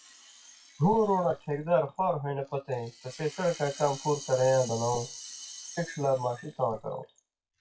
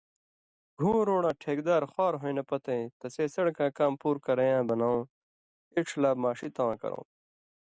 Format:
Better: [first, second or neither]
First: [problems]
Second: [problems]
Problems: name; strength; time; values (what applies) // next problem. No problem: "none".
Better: second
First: noise reduction (classical method WPE with log-MMSE)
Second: none